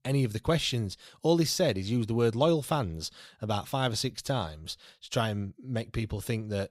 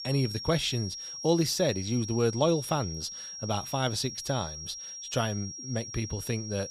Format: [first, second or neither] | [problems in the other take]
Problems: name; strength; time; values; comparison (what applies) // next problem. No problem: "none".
first | high-pitched whine; loud; throughout; 5.5 kHz, 8 dB below the speech